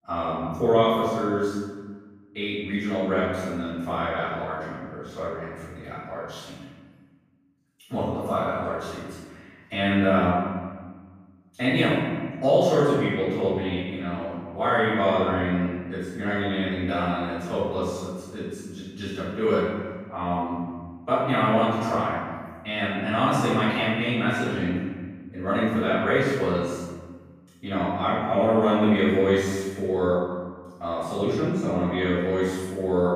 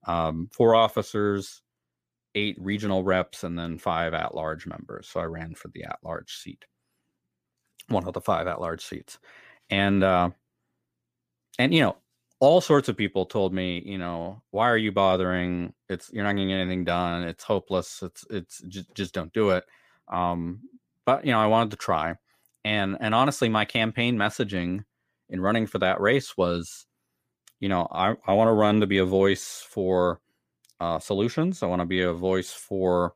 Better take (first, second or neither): second